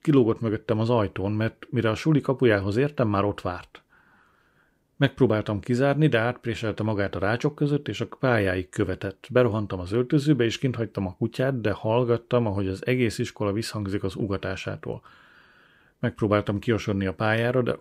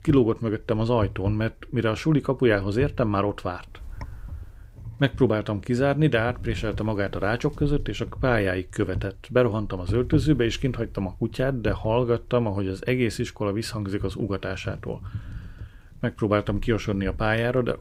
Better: first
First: none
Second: wind noise on the microphone; occasional gusts; 25 dB below the speech

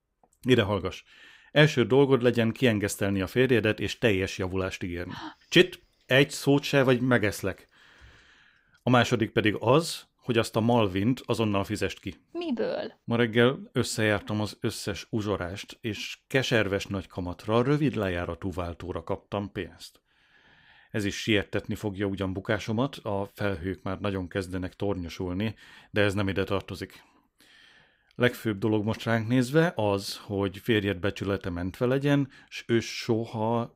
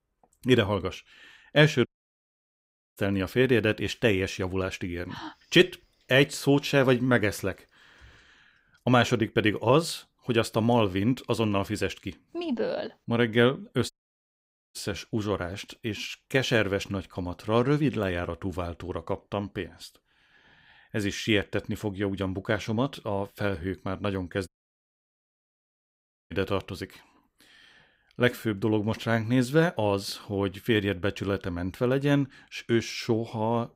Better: first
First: none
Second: audio cutting out; at 2 s for 1 s, at 14 s for 1 s and at 24 s for 2 s

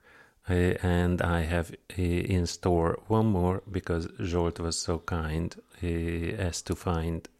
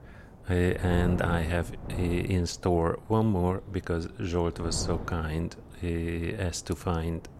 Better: first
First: none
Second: wind noise on the microphone; occasional gusts; 15 dB below the speech

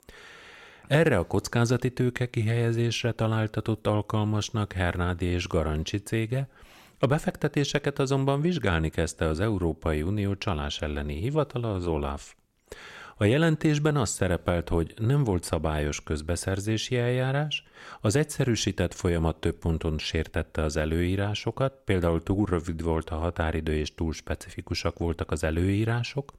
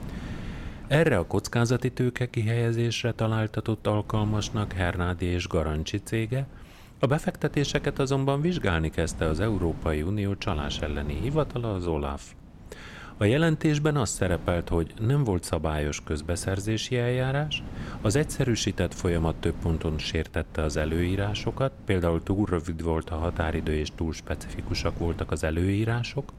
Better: first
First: none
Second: wind noise on the microphone; occasional gusts; 20 dB below the speech

